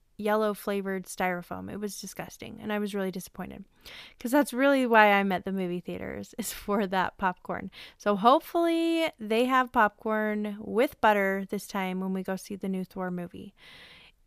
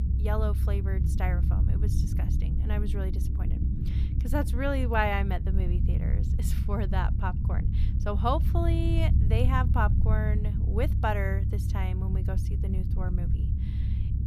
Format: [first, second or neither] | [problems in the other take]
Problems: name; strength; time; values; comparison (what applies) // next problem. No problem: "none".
first | low rumble; loud; throughout; 10 dB below the speech